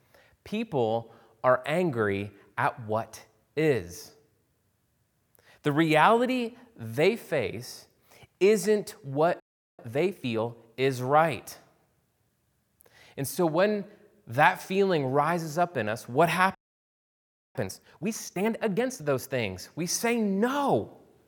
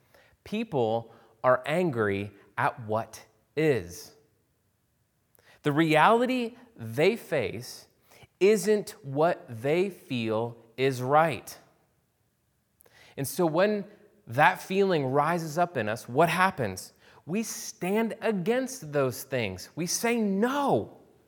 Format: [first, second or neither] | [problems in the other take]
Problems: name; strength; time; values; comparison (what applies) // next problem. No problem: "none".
second | audio freezing; at 9.5 s and at 17 s for 1 s